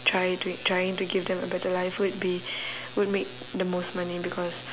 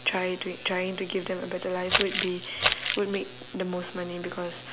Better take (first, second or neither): first